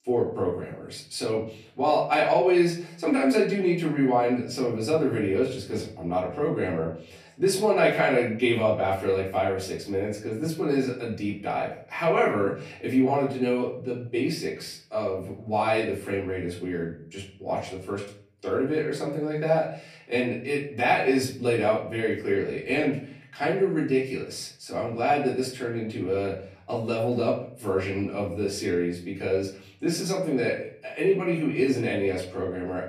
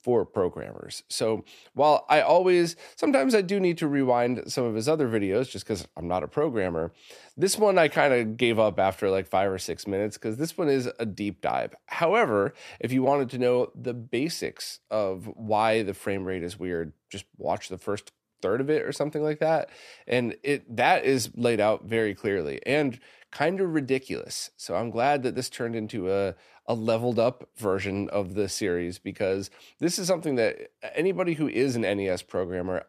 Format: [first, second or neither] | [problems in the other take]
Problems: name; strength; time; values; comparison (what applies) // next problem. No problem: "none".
second | off-mic speech; far // room echo; slight; dies away in 0.5 s